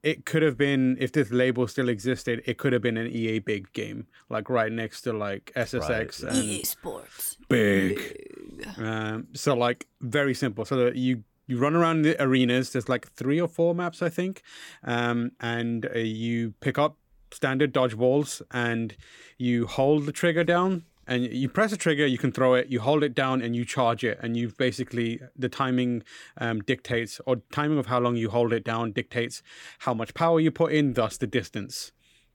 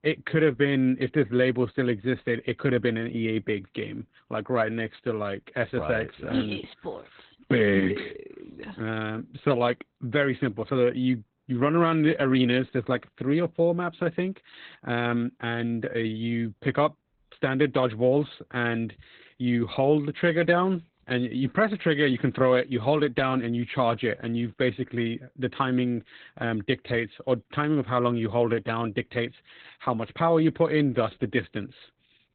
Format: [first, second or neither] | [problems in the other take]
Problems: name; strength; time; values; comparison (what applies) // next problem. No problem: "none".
first | garbled, watery; badly; nothing above 3.5 kHz